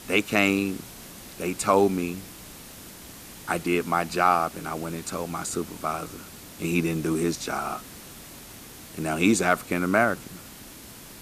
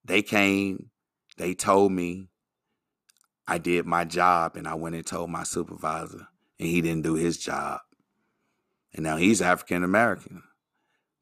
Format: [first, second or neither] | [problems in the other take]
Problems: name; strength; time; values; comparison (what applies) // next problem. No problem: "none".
second | hiss; noticeable; throughout; 15 dB below the speech